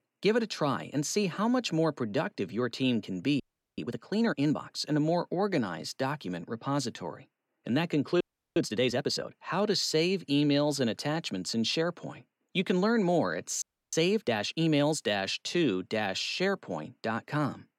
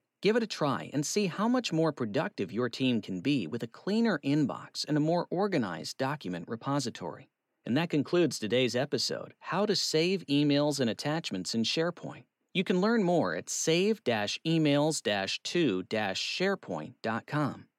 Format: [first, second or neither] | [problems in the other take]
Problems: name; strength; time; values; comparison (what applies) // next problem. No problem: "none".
second | audio freezing; at 3.5 s, at 8 s and at 14 s